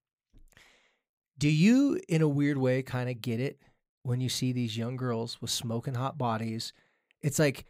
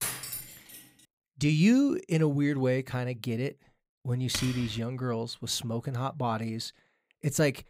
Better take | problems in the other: first | clattering dishes; noticeable; at the start; peak 3 dB below the speech // keyboard typing; noticeable; at 4.5 s; peak 6 dB below the speech

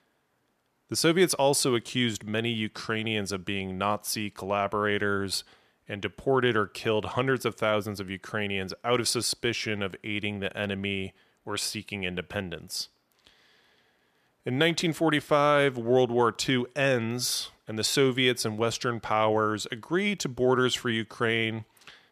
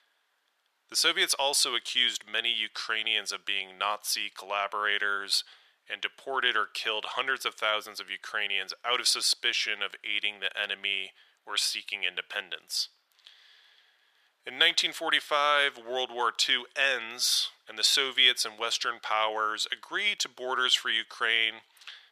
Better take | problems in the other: first | thin; very; fading below 800 Hz

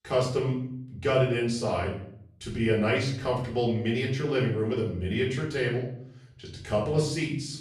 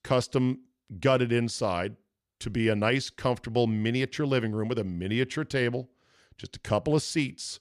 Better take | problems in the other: second | off-mic speech; far // room echo; noticeable; dies away in 0.6 s

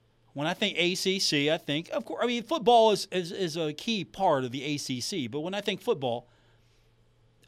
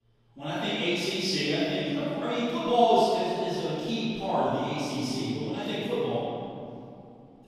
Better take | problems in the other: first | room echo; strong; dies away in 2.7 s // off-mic speech; far

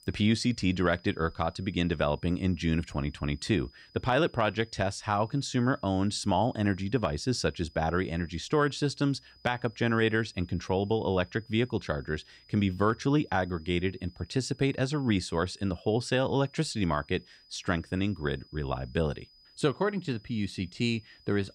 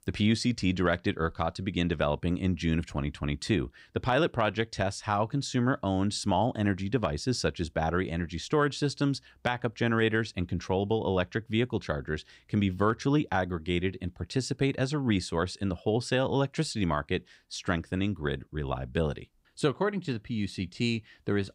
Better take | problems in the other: second | high-pitched whine; faint; throughout; 5 kHz, 25 dB below the speech

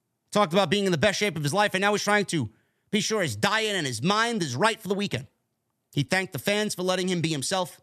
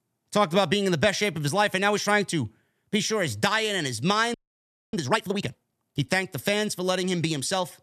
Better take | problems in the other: first | audio freezing; at 4.5 s for 0.5 s

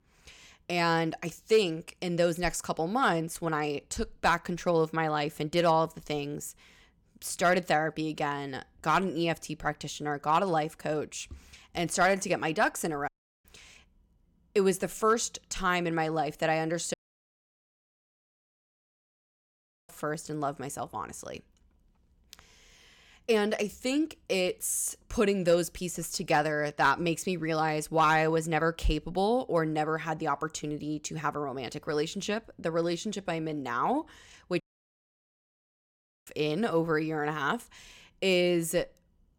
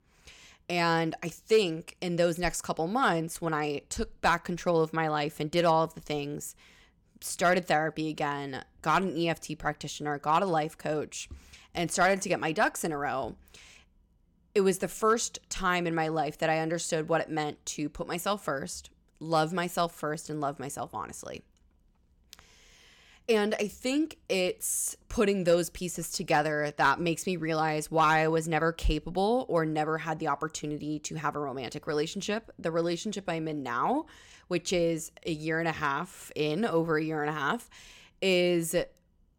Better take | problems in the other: second | audio cutting out; at 13 s, at 17 s for 3 s and at 35 s for 1.5 s

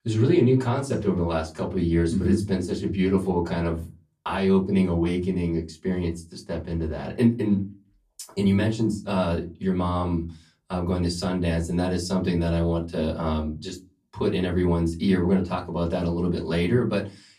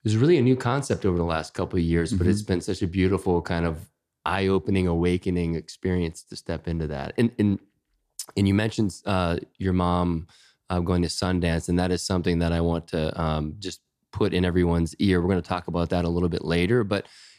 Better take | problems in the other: second | off-mic speech; far // room echo; very slight; dies away in 0.2 s

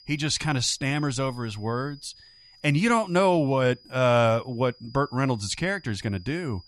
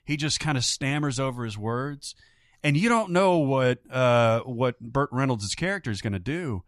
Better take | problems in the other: second | high-pitched whine; faint; throughout; 5 kHz, 25 dB below the speech

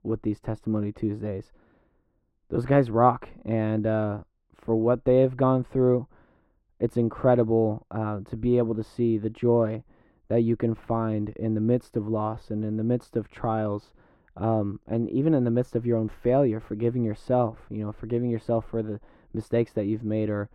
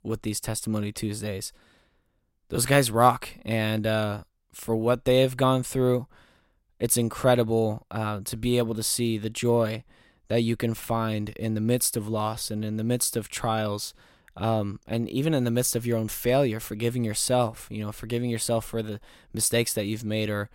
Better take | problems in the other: second | muffled; very; fading above 3 kHz

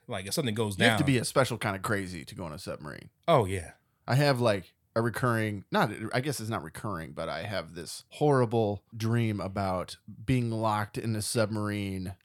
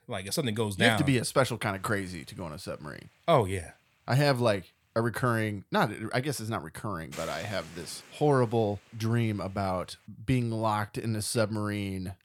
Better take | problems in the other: first | hiss; faint; from 2 to 5 s and from 7 to 10 s; 20 dB below the speech

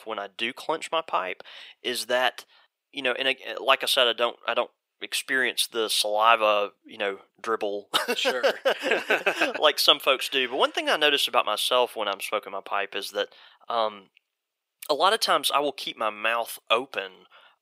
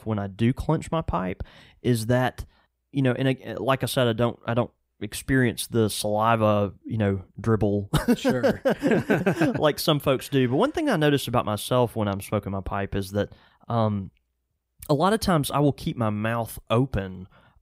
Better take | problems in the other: second | thin; very; fading below 450 Hz

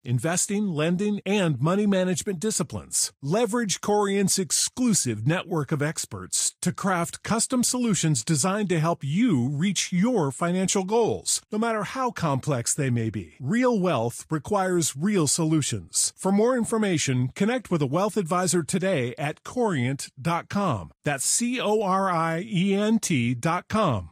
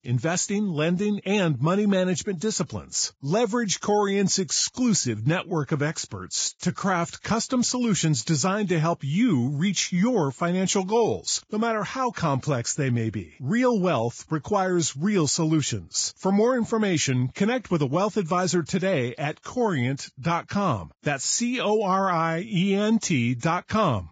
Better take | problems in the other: first | garbled, watery; badly; nothing above 7.5 kHz; slightly in the first

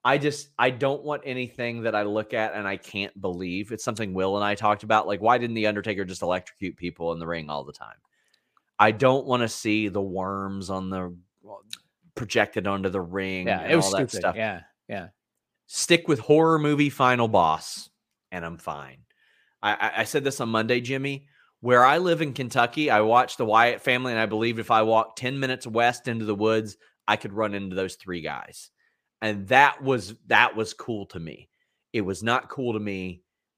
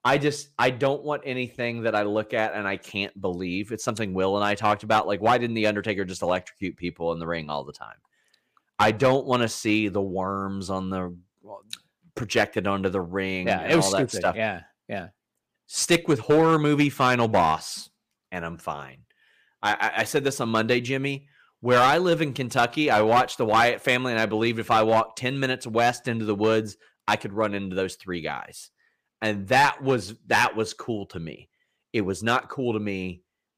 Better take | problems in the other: first | distortion; slight; 2% of the sound clipped

